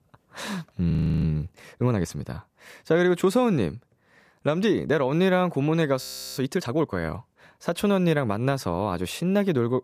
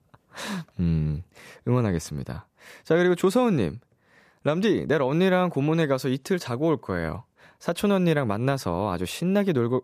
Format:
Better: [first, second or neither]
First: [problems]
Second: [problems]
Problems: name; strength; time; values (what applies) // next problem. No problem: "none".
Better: second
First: audio freezing; at 1 s and at 6 s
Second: none